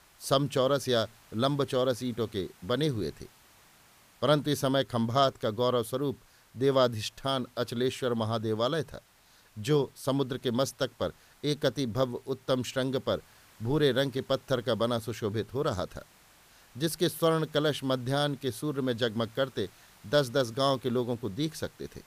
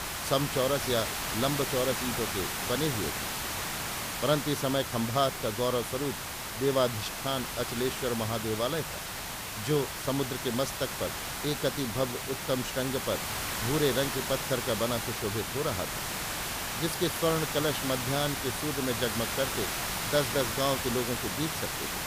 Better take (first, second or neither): first